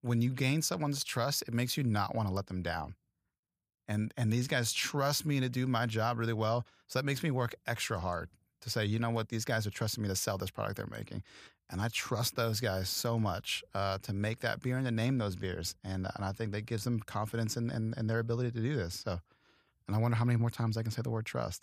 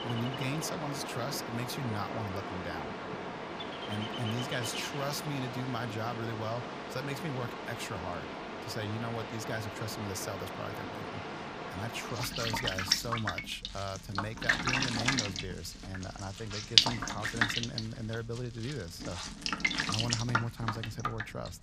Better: first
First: none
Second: rain or running water; very loud; throughout; 4 dB above the speech

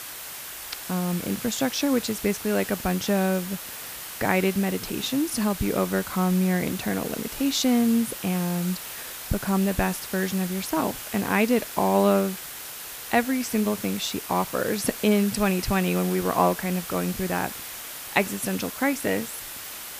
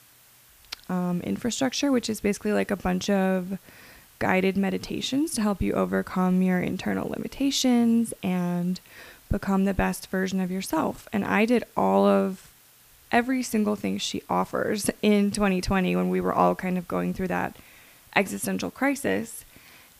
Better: second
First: hiss; loud; throughout; 9 dB below the speech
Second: hiss; faint; throughout; 25 dB below the speech

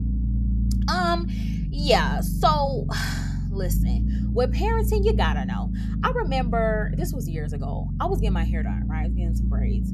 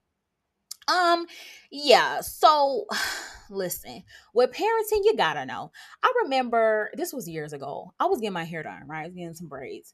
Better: second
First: low rumble; noticeable; throughout; 15 dB below the speech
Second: none

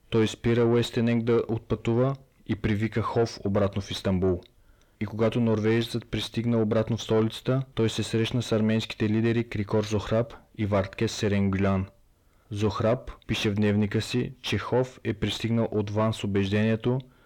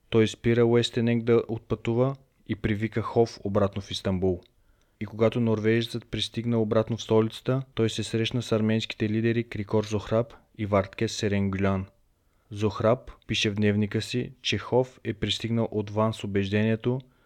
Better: second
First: distortion; slight; 10 dB below the speech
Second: none

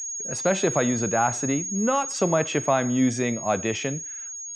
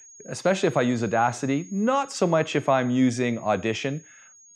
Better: second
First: high-pitched whine; loud; throughout; 6.5 kHz, 6 dB below the speech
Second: high-pitched whine; faint; throughout; 6.5 kHz, 25 dB below the speech

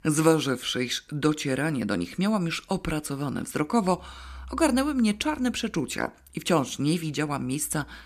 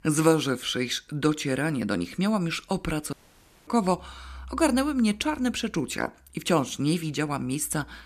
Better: first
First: none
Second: audio cutting out; at 3 s for 0.5 s

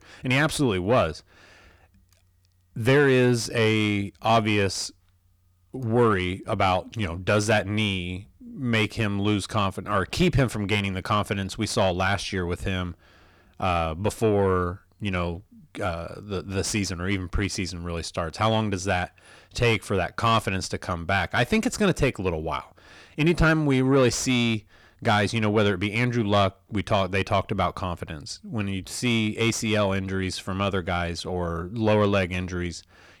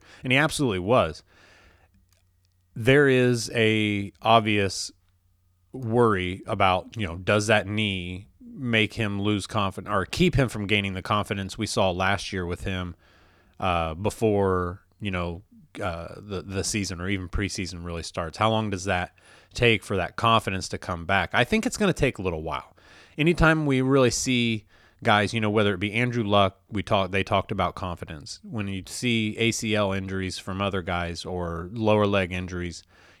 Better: second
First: distortion; slight; 10 dB below the speech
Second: none

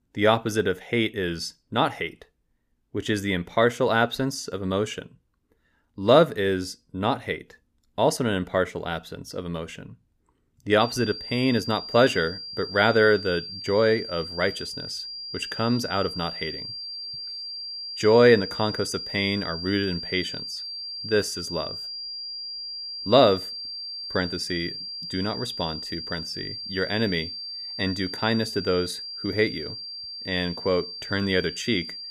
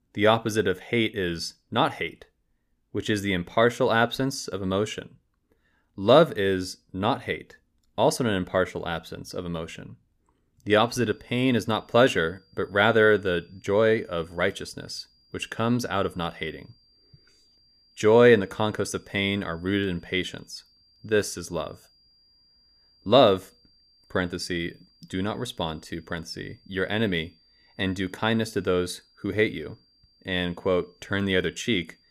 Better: second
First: high-pitched whine; loud; from 11 s on; 4.5 kHz, 8 dB below the speech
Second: high-pitched whine; faint; from 11 s on; 4.5 kHz, 35 dB below the speech

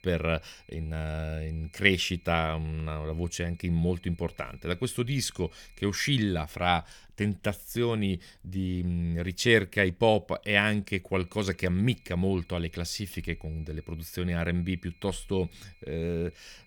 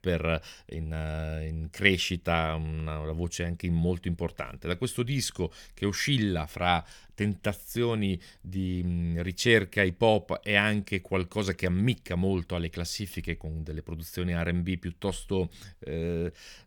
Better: second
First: high-pitched whine; faint; until 6 s and from 11 s on; 2.5 kHz, 30 dB below the speech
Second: none

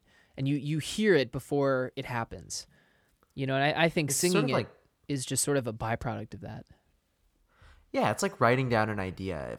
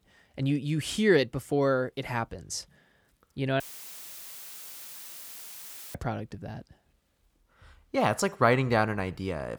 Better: first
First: none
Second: audio cutting out; filled with static; at 3.5 s for 2.5 s

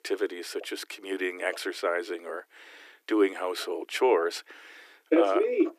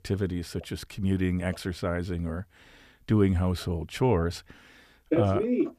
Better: second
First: thin; very; fading below 300 Hz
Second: none

